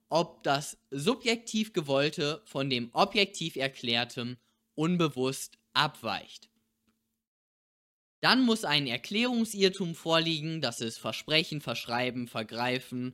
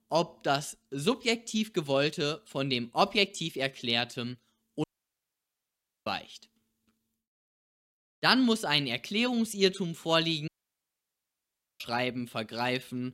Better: first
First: none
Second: audio cutting out; at 5 s for 1 s and at 10 s for 1.5 s

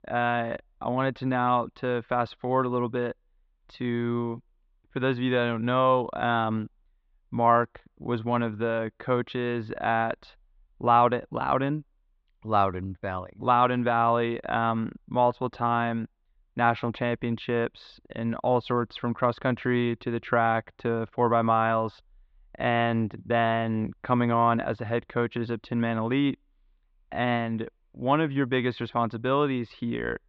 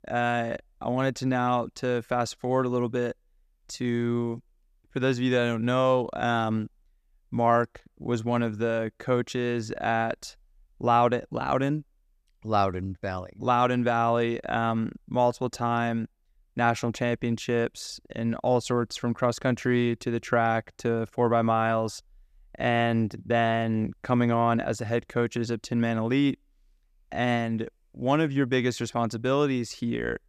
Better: second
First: muffled; very; fading above 3.5 kHz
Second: none

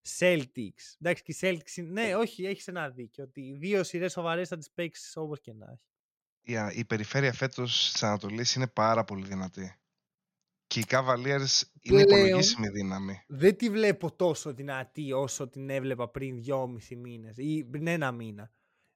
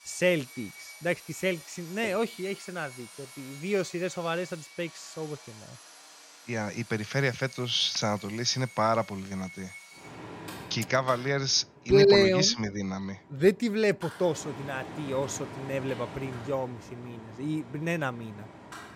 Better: first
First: none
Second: machinery noise; noticeable; throughout; 15 dB below the speech

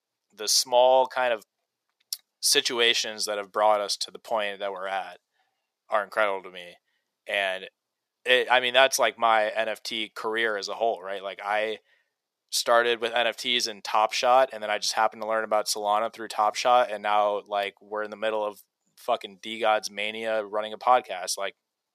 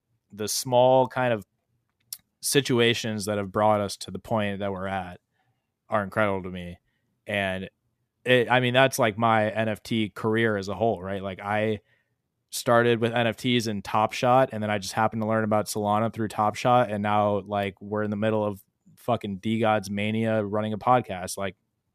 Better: second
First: thin; very; fading below 600 Hz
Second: none

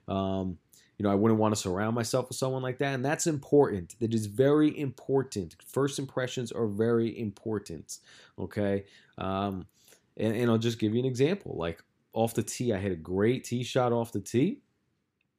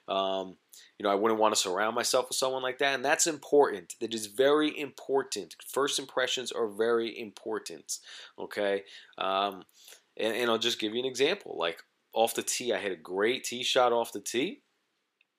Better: first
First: none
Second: thin; somewhat; fading below 550 Hz

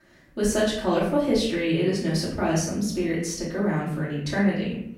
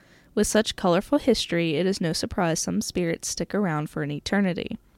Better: second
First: off-mic speech; far // room echo; noticeable; dies away in 0.6 s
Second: none

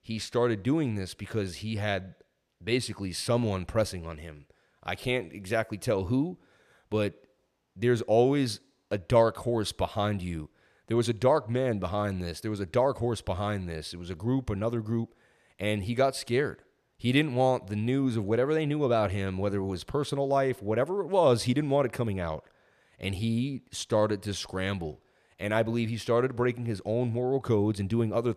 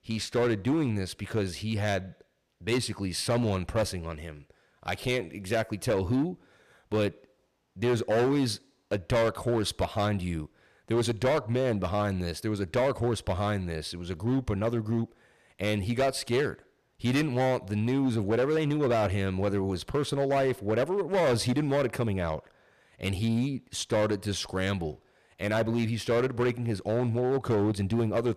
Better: first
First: none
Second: distortion; slight; 9% of the sound clipped

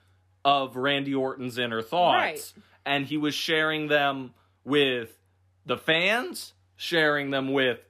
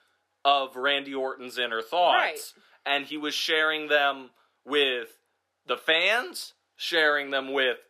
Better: first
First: none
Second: thin; somewhat; fading below 450 Hz

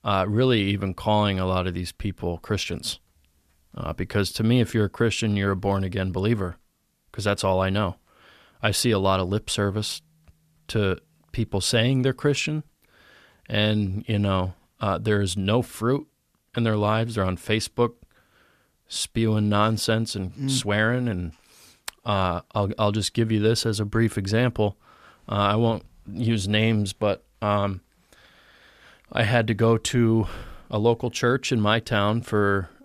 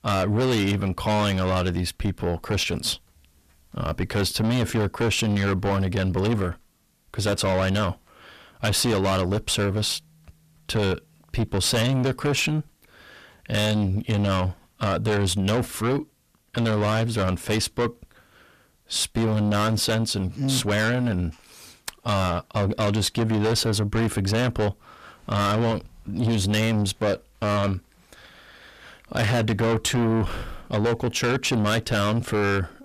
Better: first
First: none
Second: distortion; heavy; 6 dB below the speech

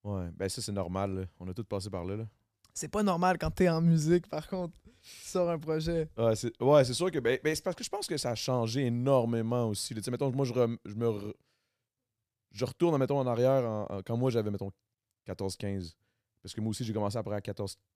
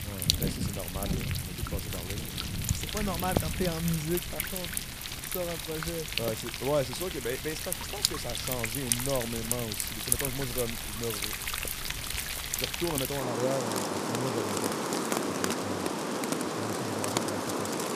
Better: first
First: none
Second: rain or running water; very loud; throughout; 4 dB above the speech

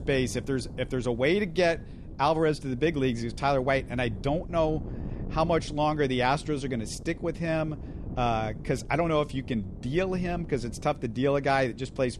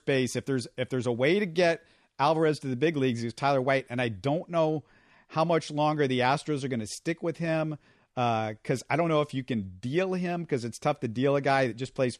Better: second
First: wind noise on the microphone; occasional gusts; 20 dB below the speech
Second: none

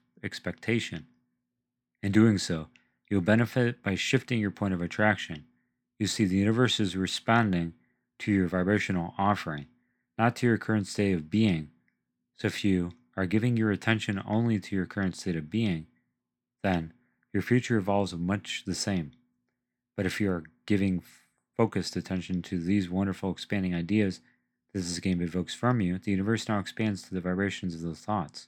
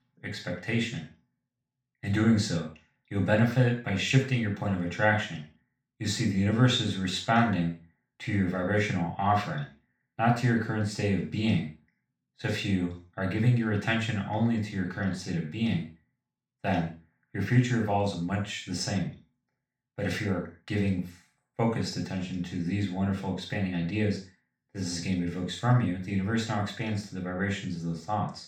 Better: first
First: none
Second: room echo; noticeable; dies away in 0.4 s // off-mic speech; far

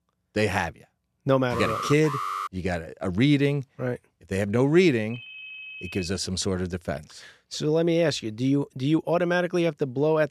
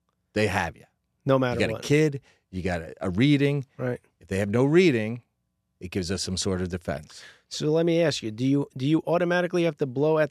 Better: second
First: alarm; noticeable; at 1.5 s; peak 4 dB below the speech // phone ringing; faint; at 5 s; peak 10 dB below the speech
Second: none

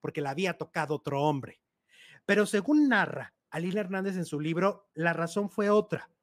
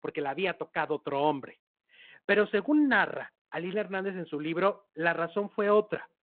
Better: first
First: none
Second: phone-call audio; nothing above 4 kHz

